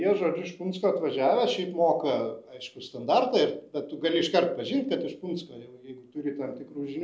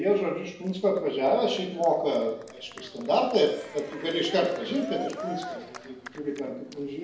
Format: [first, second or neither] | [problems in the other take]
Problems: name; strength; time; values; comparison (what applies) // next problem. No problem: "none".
first | background sound (Cheering); 15 dB below the speech // room echo; dies away in 0.6 s